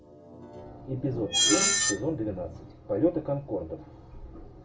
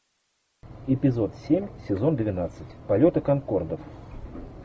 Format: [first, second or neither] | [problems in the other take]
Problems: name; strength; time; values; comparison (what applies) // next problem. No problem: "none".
second | background sound (Screech); as loud as the speech // room echo; dies away in 0.3 s